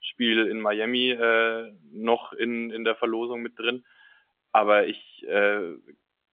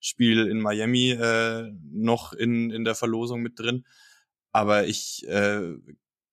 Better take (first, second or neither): second